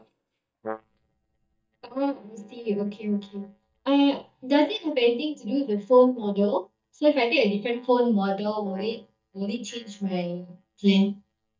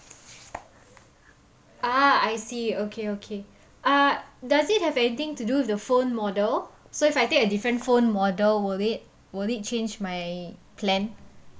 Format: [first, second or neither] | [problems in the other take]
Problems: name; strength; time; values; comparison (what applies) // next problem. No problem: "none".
second | noise reduction (neural mask model DeepFilterNet 3)